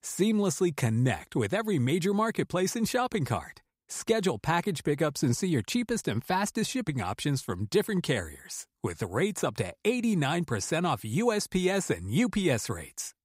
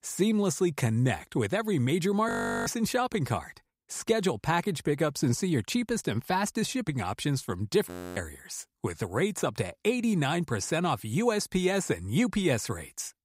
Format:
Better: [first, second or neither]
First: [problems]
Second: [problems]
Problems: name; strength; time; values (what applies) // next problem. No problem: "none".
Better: first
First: none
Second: audio freezing; at 2.5 s and at 8 s